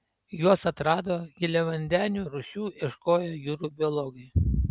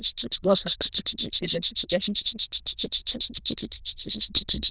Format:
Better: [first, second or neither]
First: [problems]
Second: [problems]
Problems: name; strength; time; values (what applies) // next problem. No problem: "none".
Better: first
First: none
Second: noise reduction (neural diffusion model UNIVERSE++)